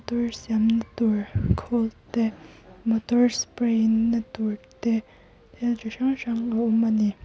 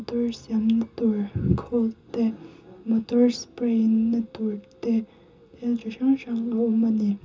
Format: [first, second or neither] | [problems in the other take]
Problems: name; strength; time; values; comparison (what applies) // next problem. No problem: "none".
first | room echo; dies away in 0.2 s